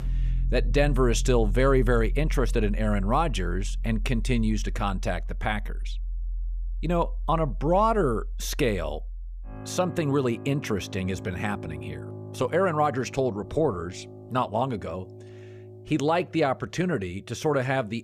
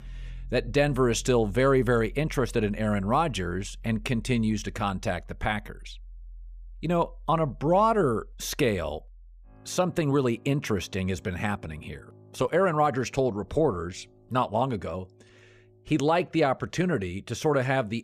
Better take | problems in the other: second | background music; loud; throughout; 7 dB below the speech; faint in the second

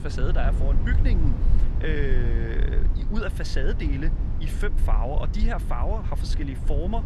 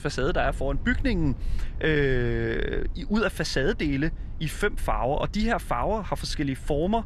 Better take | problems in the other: second | low rumble; loud; throughout; 8 dB below the speech; faint in the second

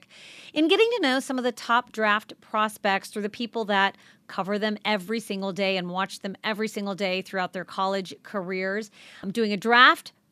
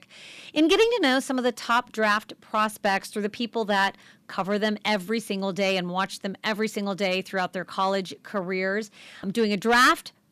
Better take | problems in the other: first | distortion; slight; 1.8% of the sound clipped

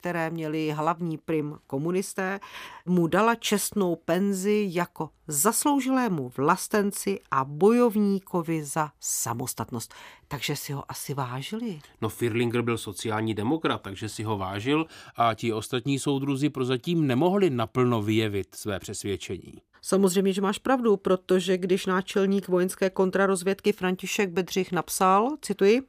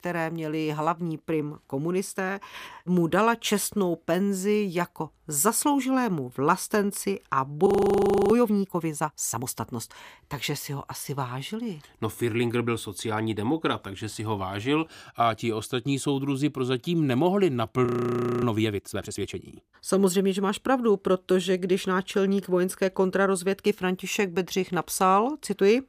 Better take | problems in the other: first | audio freezing; at 7.5 s for 0.5 s and at 18 s for 0.5 s

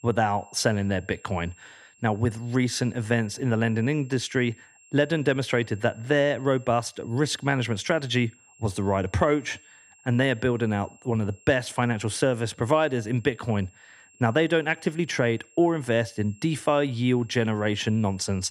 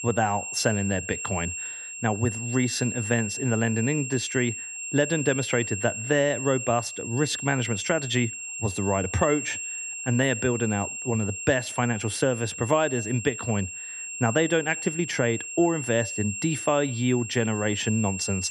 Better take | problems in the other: first | high-pitched whine; loud; throughout; 7.5 kHz, 6 dB below the speech; faint in the first

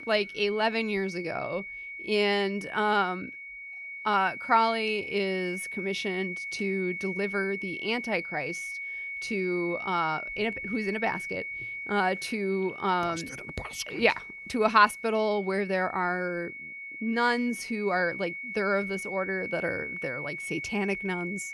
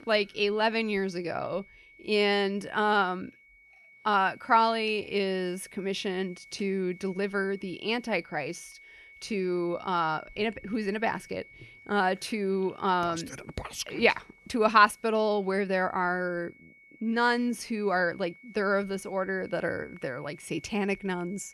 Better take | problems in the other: second | high-pitched whine; loud; throughout; 2 kHz, 7 dB below the speech; faint in the second

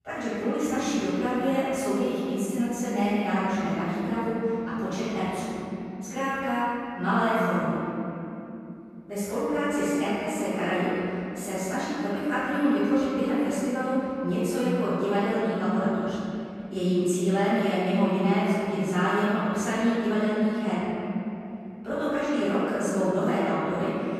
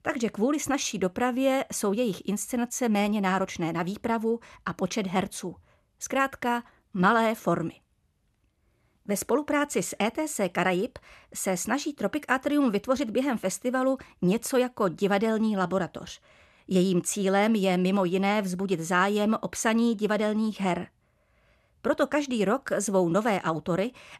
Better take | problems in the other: second | off-mic speech; far // room echo; strong; dies away in 3 s

